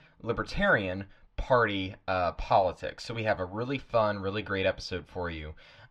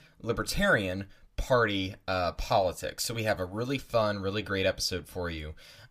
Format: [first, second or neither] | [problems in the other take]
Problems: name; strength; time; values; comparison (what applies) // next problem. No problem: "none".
second | muffled; slightly; fading above 3 kHz